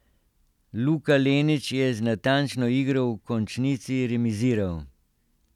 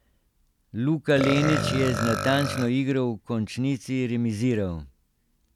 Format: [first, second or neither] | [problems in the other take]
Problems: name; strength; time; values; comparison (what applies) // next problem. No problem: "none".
first | background sound (Burping, eructation); 5 dB below the speech